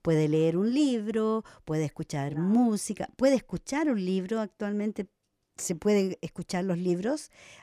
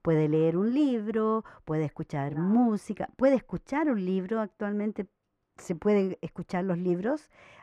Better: first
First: none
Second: muffled; very; fading above 3.5 kHz

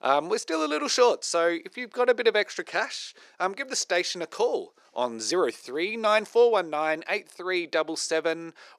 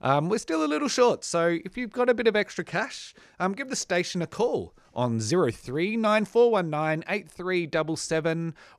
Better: second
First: thin; somewhat; fading below 350 Hz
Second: none

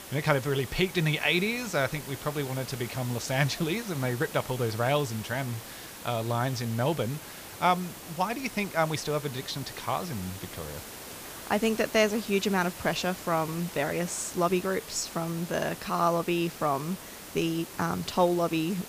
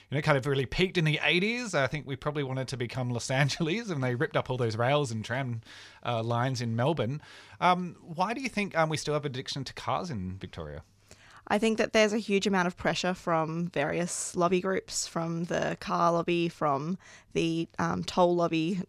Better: second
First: hiss; noticeable; throughout; 10 dB below the speech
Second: none

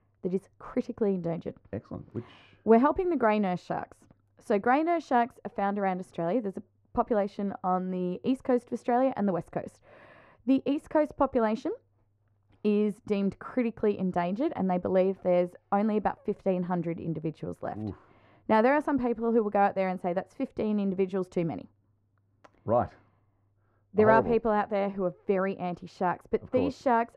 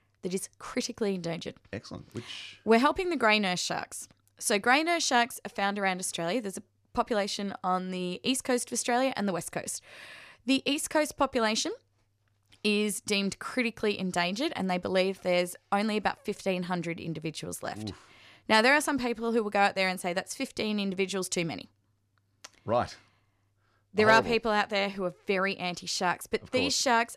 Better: second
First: muffled; very; fading above 2.5 kHz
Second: none

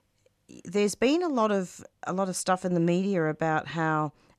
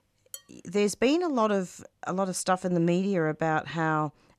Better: first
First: none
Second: clattering dishes; very faint; at 0.5 s; peak 15 dB below the speech

